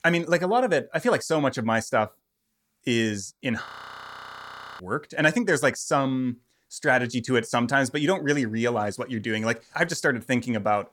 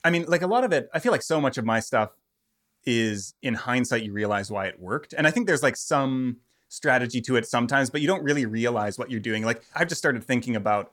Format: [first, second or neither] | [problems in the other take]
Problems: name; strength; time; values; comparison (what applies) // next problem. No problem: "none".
second | audio freezing; at 3.5 s for 1 s